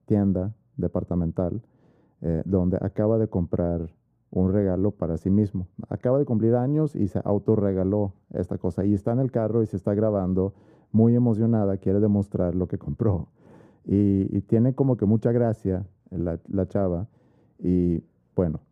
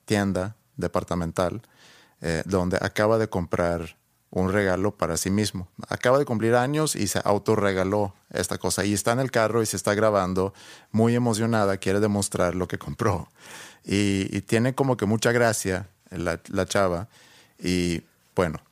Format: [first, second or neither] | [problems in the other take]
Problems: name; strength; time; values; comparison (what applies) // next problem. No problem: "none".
second | muffled; very; fading above 1 kHz